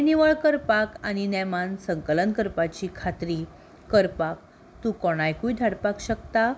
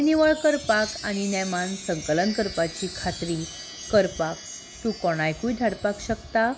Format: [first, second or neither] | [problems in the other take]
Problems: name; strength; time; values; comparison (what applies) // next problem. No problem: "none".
first | background sound (Chime); 14 dB below the speech